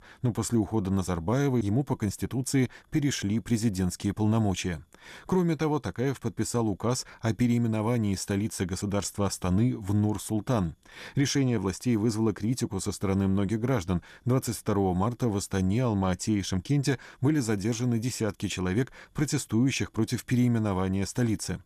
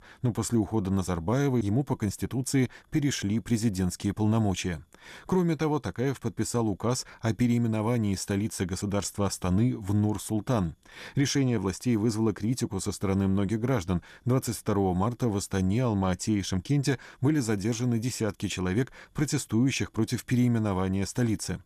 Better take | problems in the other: neither | none

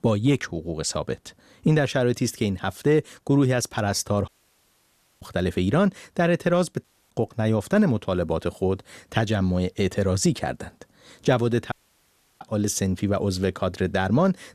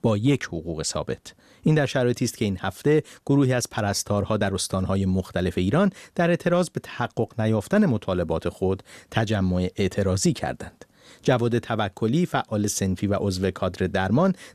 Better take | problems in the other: second | audio cutting out; at 4.5 s for 1 s, at 7 s and at 12 s for 0.5 s

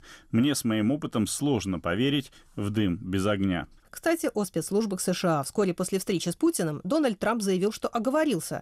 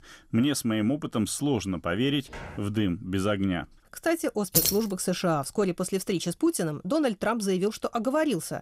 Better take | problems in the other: first | footsteps; faint; at 2.5 s; peak 15 dB below the speech // jangling keys; loud; at 4.5 s; peak 4 dB above the speech

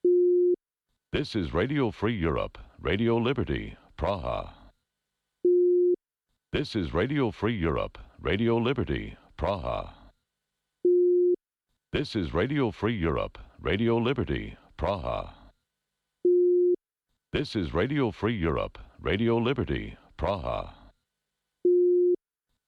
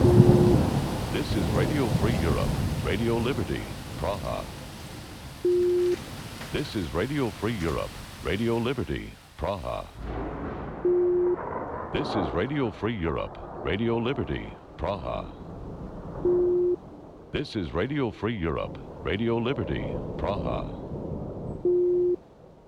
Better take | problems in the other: first | rain or running water; loud; throughout; 3 dB below the speech

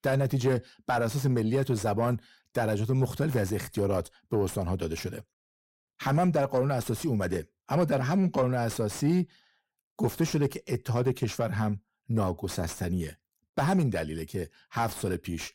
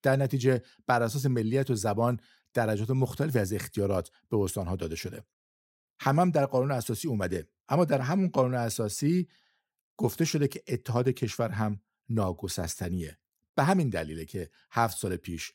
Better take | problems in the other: second | distortion; slight; 10 dB below the speech

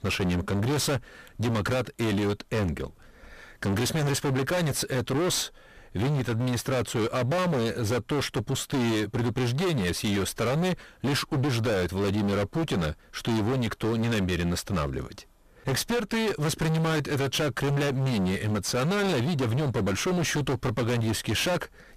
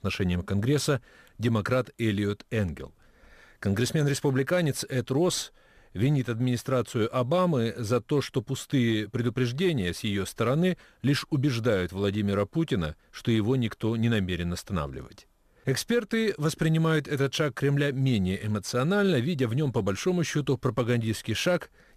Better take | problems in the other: second | distortion; heavy; 35% of the sound clipped

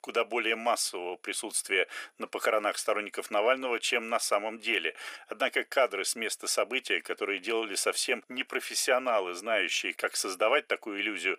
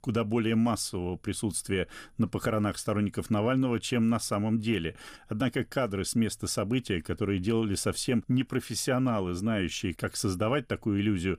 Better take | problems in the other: second | thin; very; fading below 400 Hz

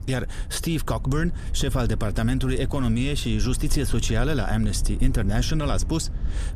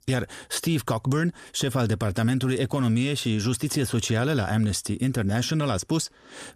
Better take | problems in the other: second | low rumble; noticeable; throughout; 20 dB below the speech

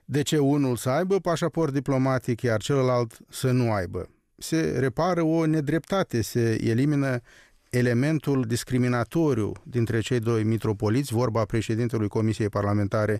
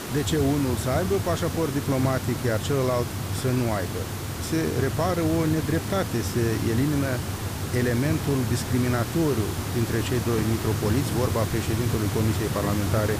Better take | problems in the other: first | hiss; loud; throughout; 3 dB below the speech

